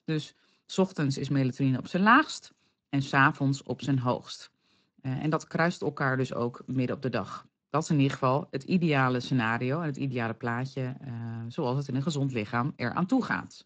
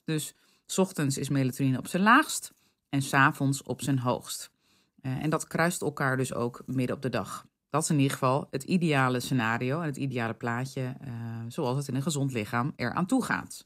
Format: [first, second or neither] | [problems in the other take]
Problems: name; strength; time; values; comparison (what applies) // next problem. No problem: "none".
second | garbled, watery; slightly; nothing above 7.5 kHz